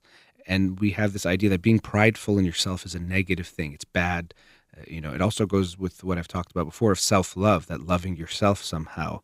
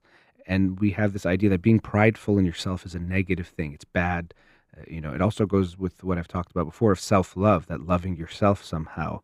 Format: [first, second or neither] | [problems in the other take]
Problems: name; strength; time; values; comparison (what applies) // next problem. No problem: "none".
first | muffled; slightly; fading above 2.5 kHz